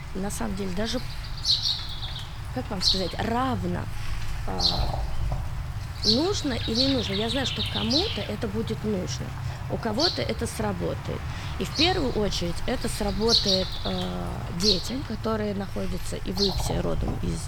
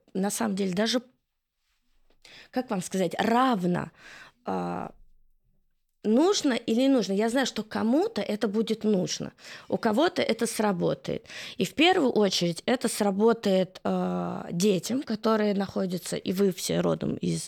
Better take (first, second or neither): second